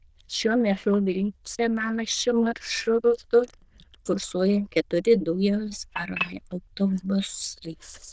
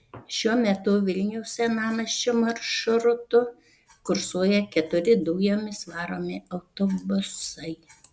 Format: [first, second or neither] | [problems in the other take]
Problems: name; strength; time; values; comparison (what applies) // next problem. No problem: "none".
second | noise reduction (neural diffusion model UNIVERSE++)